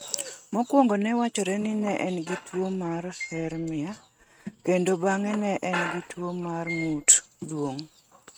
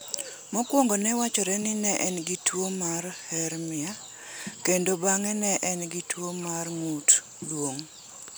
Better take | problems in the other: second | noise reduction (neural mask model RNNoise)

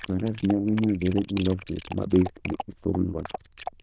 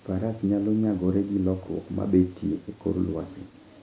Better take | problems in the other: second | noise reduction (neural diffusion model UNIVERSE++)

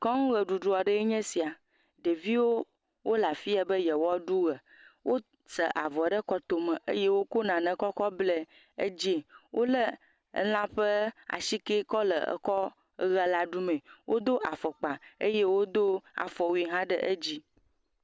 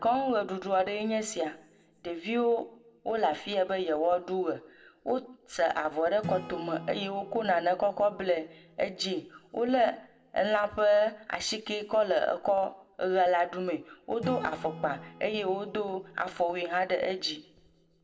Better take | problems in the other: first | background sound (Acoustic guitar / Strum); 19 dB below the speech // room echo; dies away in 0.3 s

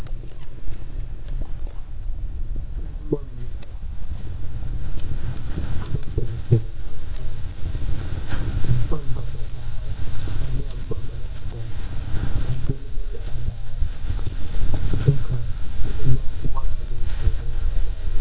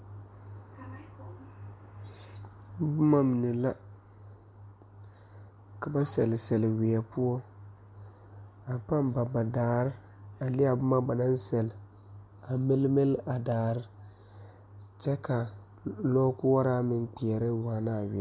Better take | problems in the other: second | noise reduction (neural mask model DeepFilterNet 3)

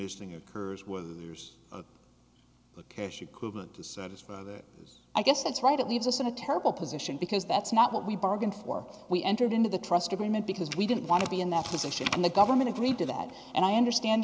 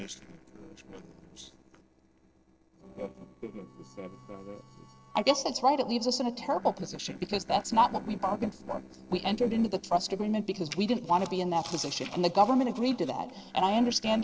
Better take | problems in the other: first | noise reduction (neural separator model SepFormer DNS4)

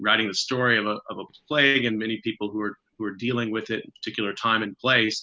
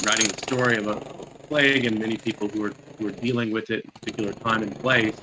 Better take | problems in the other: first | noise reduction (neural mask model RNNoise)

